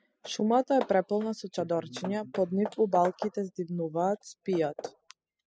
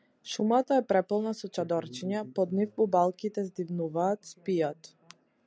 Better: second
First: noise reduction (classical method spectral subtraction)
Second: none

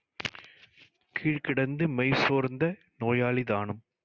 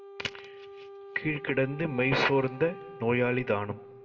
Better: first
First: none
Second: background sound (Wind instrument, woodwind instrument); 15 dB below the speech // room echo; dies away in 0.5 s

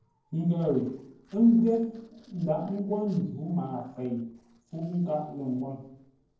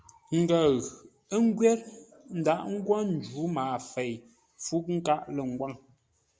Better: second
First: noise reduction (neural separator model SepFormer DNS4)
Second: none

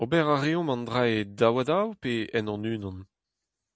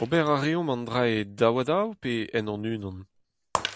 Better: first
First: none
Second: background sound (Shatter); 13 dB below the speech

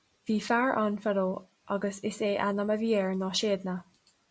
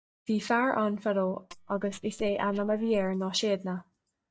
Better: first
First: none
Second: noise reduction (neural mask model DeepFilterNet 3)

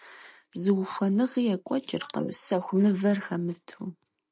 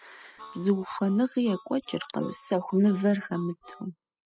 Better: first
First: none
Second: noise reduction (classical method spectral subtraction)

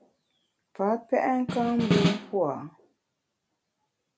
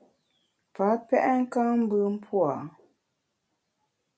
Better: second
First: background sound (Snare drum); 2 dB above the speech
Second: none

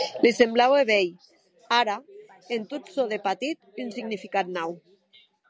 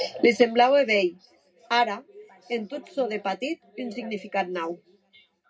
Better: first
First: none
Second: room echo; dies away in 0.2 s

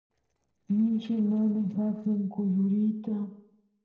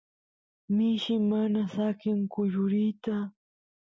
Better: second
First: noise reduction (neural separator model SepFormer DNS4)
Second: none

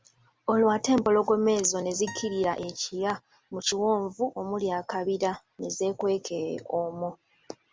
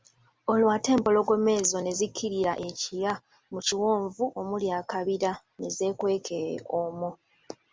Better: second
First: background sound (Acoustic guitar); 19 dB below the speech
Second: none

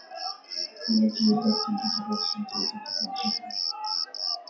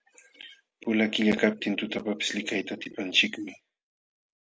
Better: second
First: noise reduction (classical method WPE with log-MMSE)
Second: none

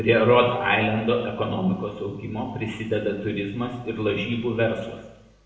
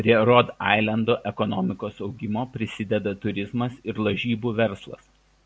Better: second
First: background sound (Wind instrument, woodwind instrument); 13 dB below the speech // room echo; dies away in 0.9 s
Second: none

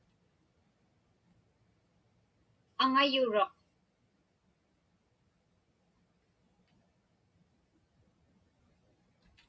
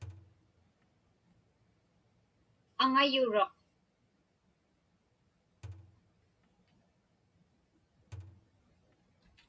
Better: first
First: none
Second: background sound (Thump, thud); 15 dB below the speech

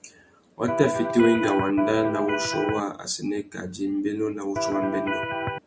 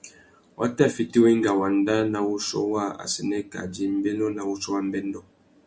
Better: second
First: background sound (Electric guitar); 2 dB below the speech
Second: none

